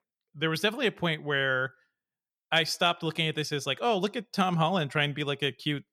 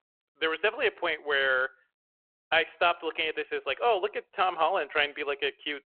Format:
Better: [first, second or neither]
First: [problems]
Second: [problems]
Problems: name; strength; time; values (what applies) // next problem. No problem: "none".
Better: first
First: none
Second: phone-call audio